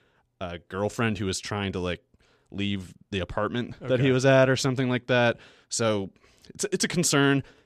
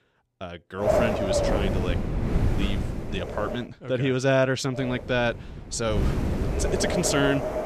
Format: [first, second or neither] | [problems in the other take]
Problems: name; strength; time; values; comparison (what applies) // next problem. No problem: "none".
first | wind noise on the microphone; heavy; from 1 to 3.5 s and from 5 s on; 1 dB below the speech